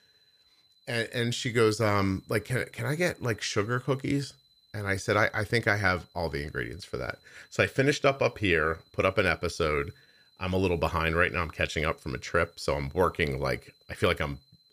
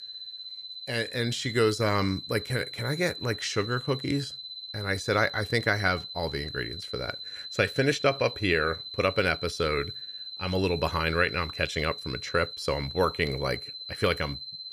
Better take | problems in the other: first | high-pitched whine; loud; throughout; 4 kHz, 9 dB below the speech; faint in the first

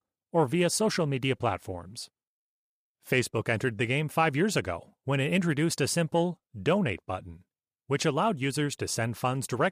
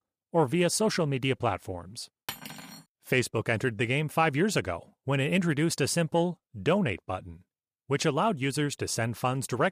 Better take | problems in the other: first | clattering dishes; faint; at 2.5 s; peak 10 dB below the speech

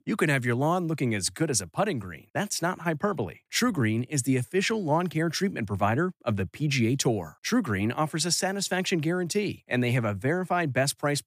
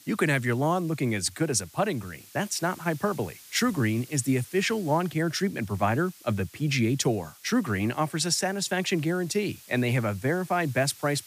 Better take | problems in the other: first | hiss; faint; throughout; 20 dB below the speech

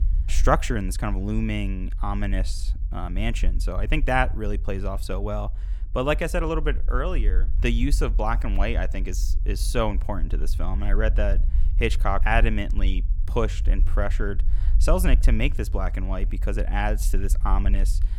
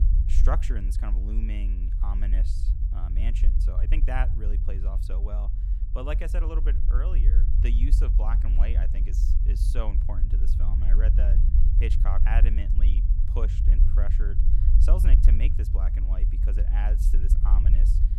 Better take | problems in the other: first | low rumble; loud; throughout; 5 dB below the speech; faint in the first

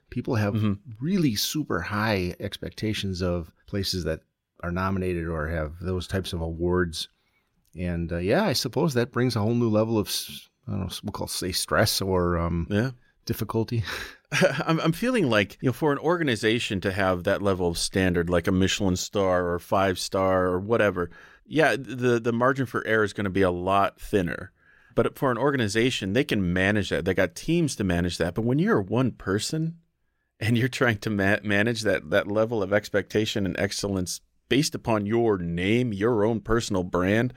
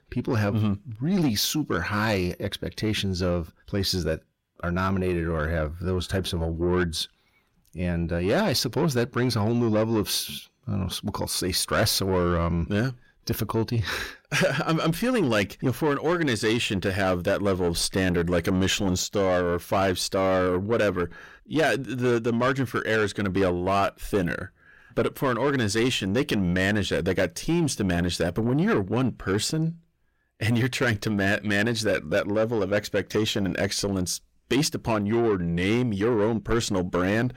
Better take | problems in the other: first | distortion; slight; 10 dB below the speech

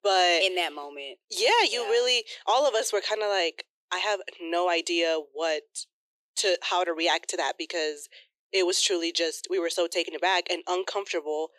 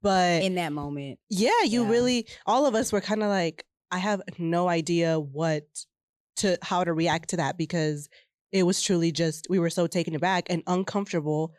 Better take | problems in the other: second | thin; very; fading below 350 Hz

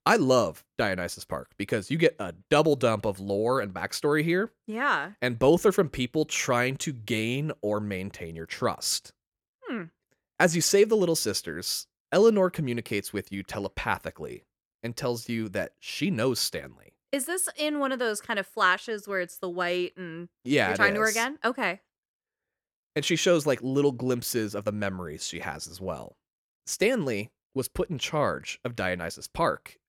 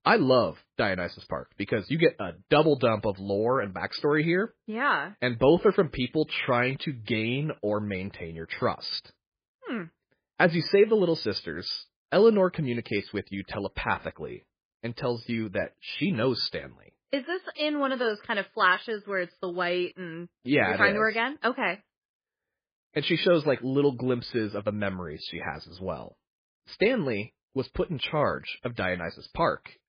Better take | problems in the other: first | garbled, watery; badly

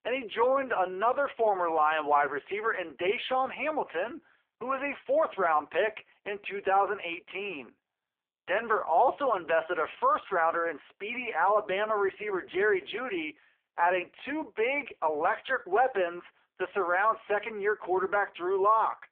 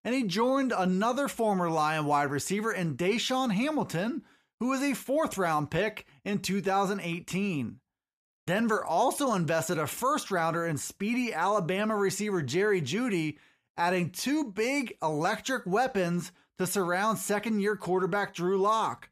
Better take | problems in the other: second | phone-call audio; poor line

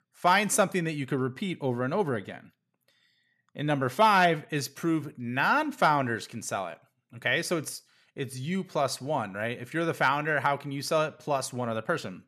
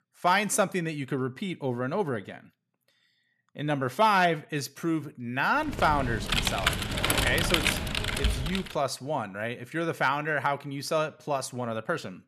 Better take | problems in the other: first | keyboard typing; loud; from 5.5 to 8.5 s; peak 4 dB above the speech

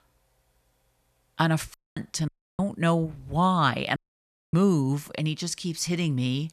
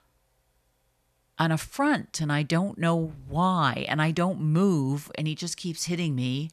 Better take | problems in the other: second | audio cutting out; at 1.5 s, at 2.5 s and at 4 s for 0.5 s

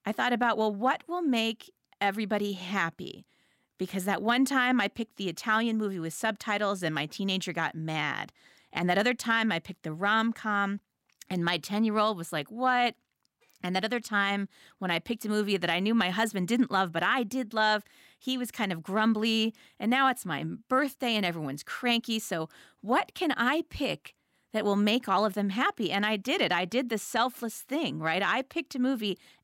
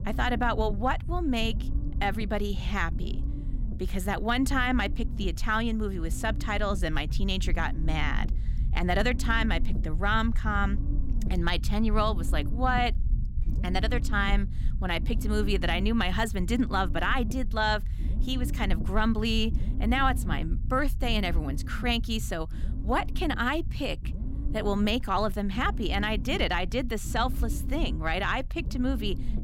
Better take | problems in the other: first | low rumble; noticeable; throughout; 15 dB below the speech

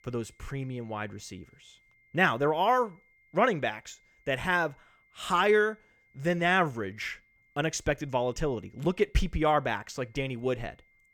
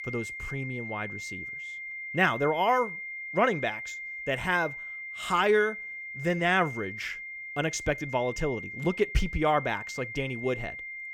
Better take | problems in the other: first | high-pitched whine; loud; throughout; 2 kHz, 8 dB below the speech; faint in the first

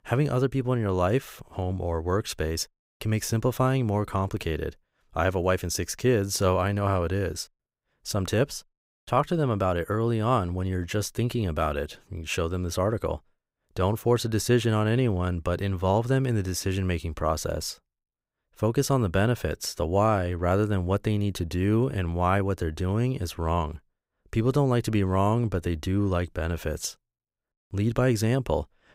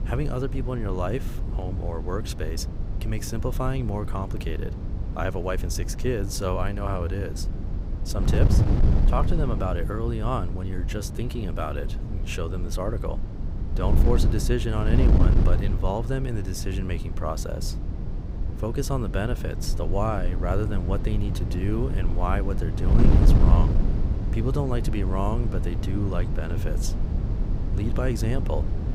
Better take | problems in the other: first | wind noise on the microphone; heavy; 6 dB below the speech

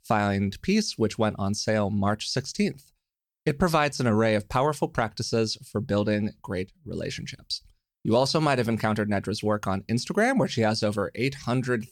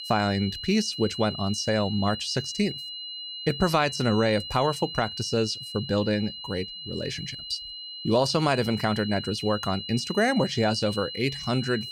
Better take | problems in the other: first | high-pitched whine; loud; throughout; 4 kHz, 8 dB below the speech

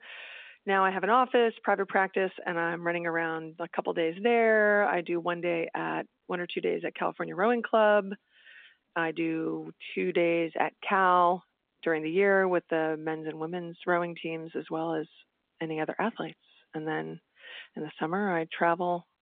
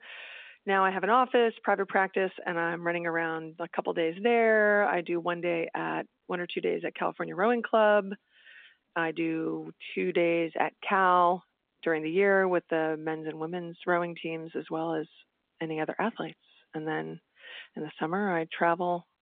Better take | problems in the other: neither | phone-call audio; the same in both

